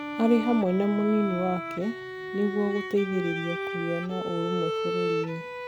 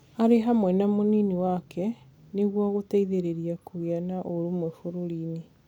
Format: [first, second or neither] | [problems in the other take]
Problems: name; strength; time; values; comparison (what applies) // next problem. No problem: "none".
second | background sound (Bowed string instrument); 5 dB below the speech